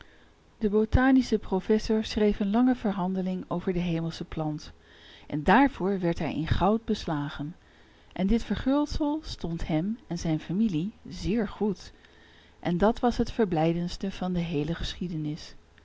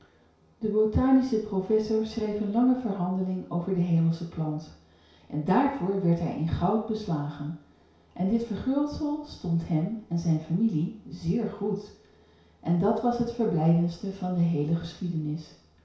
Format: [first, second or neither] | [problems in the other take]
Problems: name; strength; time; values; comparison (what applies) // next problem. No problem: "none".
first | room echo; dies away in 0.6 s